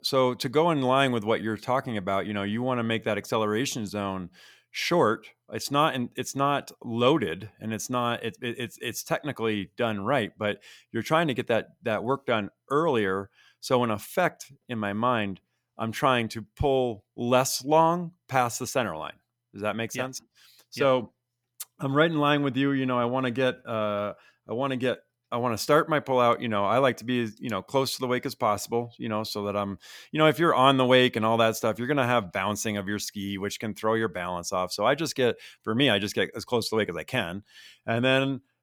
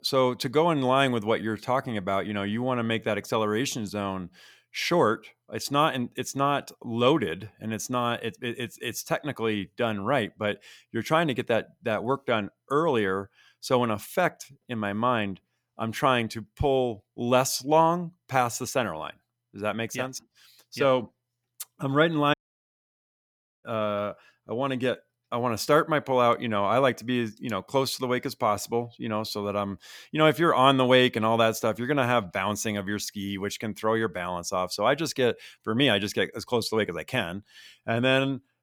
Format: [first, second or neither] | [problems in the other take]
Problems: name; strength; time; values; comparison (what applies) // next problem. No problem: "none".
first | audio cutting out; at 22 s for 1.5 s